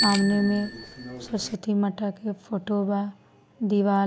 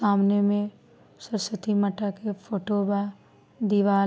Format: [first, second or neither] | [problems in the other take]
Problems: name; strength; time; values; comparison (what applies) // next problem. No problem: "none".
second | background sound (Bicycle bell); 9 dB below the speech